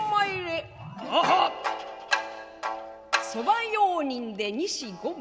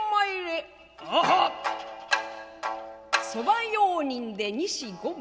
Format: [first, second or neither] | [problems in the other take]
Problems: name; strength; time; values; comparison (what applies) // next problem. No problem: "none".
second | background sound (Keyboard (musical)); 19 dB below the speech